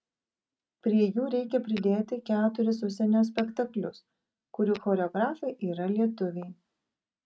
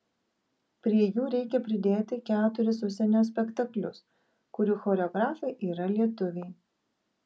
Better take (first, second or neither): second